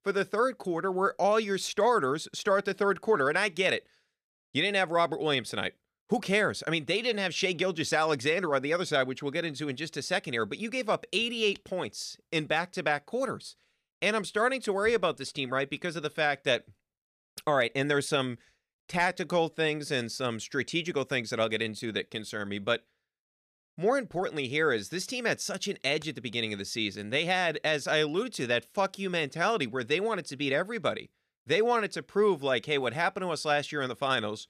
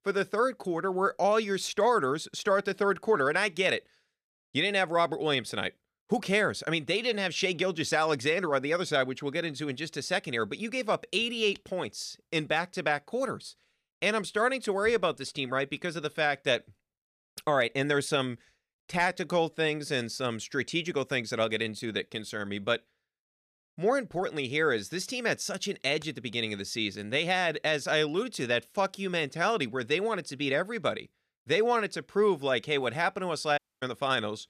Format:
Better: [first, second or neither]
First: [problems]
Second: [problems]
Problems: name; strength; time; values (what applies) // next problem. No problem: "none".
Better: first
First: none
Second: audio cutting out; at 34 s